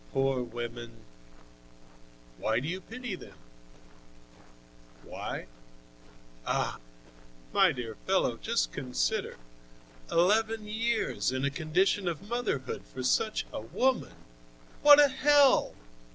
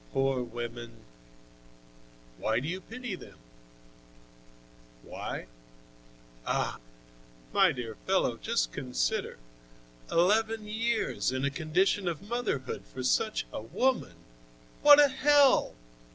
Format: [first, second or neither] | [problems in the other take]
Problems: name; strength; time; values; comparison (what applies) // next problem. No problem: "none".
second | background sound (Walk, footsteps); 20 dB below the speech